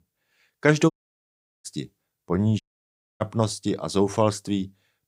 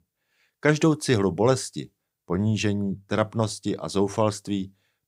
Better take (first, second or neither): second